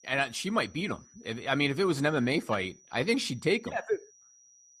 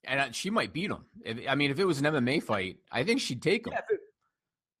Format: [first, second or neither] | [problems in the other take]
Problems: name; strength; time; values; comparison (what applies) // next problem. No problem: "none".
second | high-pitched whine; faint; throughout; 6 kHz, 25 dB below the speech